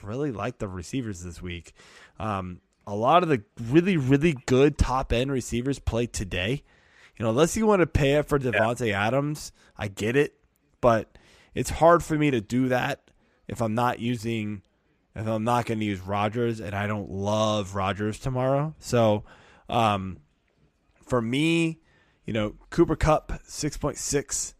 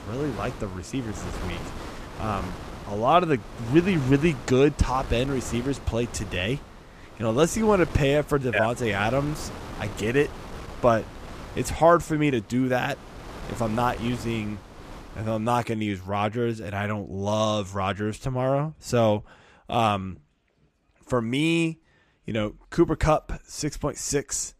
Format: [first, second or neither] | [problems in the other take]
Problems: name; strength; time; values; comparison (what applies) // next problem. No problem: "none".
first | wind noise on the microphone; occasional gusts; until 16 s; 15 dB below the speech